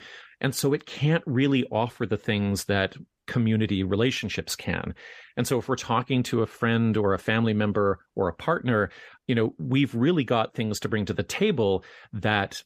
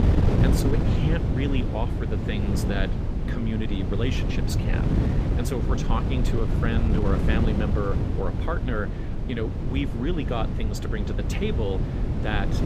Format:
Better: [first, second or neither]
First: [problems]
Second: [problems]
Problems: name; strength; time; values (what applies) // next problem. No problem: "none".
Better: first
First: none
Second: wind noise on the microphone; heavy; 2 dB below the speech